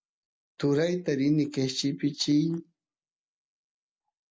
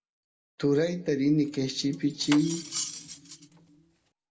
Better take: first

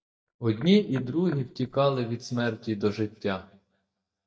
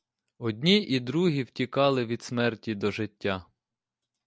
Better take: second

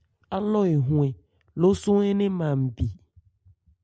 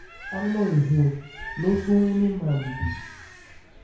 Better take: first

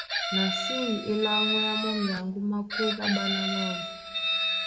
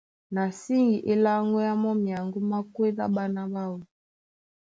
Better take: second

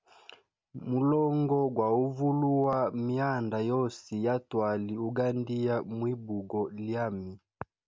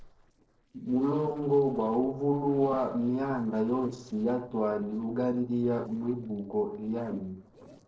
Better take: first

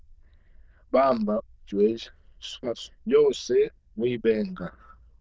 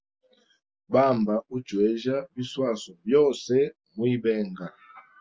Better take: second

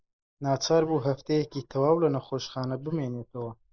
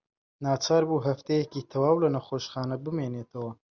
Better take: second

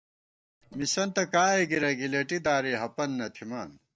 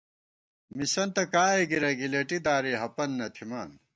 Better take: second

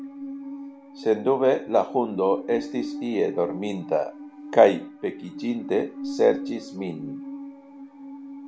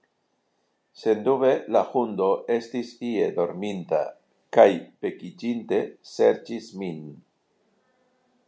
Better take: second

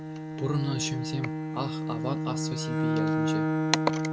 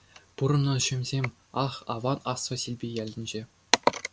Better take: second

